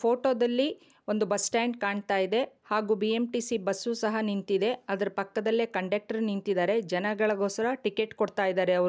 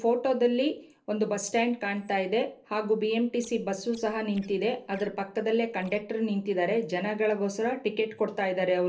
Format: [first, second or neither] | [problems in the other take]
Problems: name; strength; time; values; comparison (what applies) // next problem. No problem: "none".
first | noise reduction (neural separator model SepFormer DNS4)